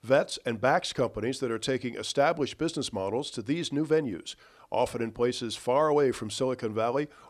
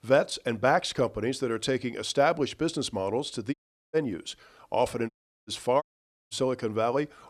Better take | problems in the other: first | audio cutting out; at 3.5 s, at 5 s and at 6 s

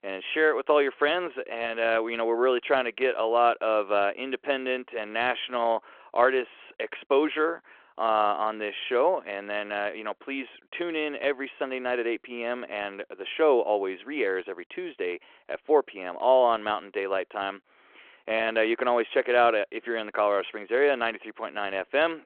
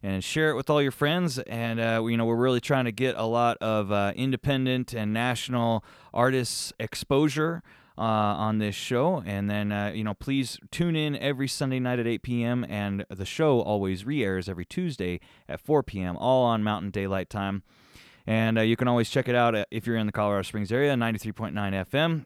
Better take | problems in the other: second | phone-call audio

